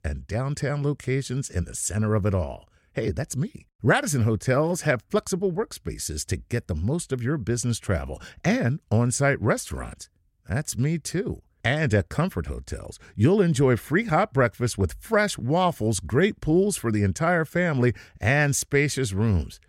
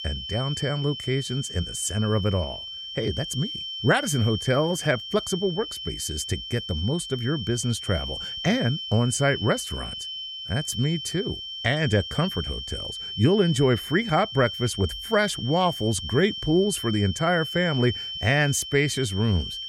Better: first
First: none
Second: high-pitched whine; loud; throughout; 3 kHz, 7 dB below the speech

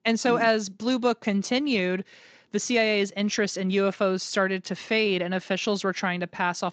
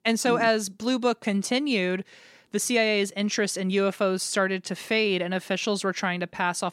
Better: second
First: garbled, watery; slightly; nothing above 7.5 kHz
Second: none

